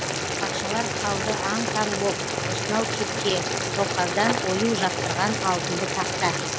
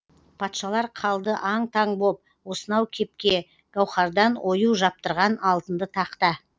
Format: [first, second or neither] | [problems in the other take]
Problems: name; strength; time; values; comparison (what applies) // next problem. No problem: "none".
second | background sound (Boiling); 1 dB above the speech